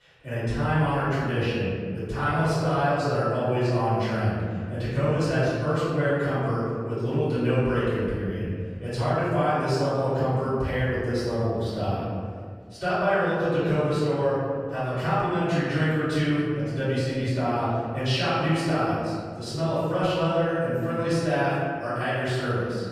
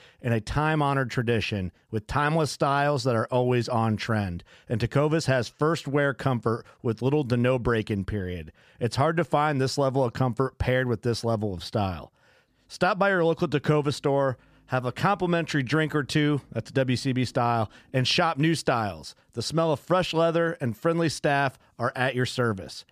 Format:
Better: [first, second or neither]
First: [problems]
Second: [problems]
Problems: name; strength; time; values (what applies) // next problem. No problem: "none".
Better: second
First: off-mic speech; far // room echo; strong; dies away in 2 s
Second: none